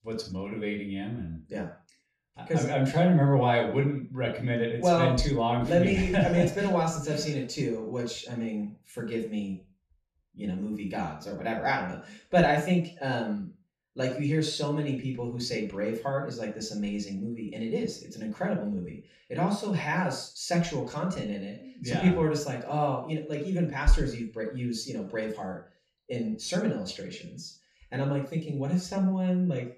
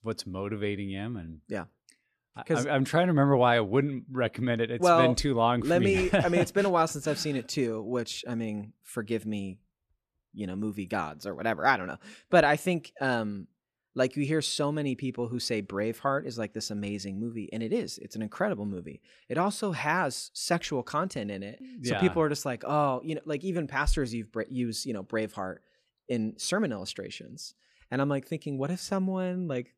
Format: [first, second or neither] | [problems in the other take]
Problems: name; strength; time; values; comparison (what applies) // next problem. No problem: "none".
second | room echo; noticeable; dies away in 0.3 s // off-mic speech; far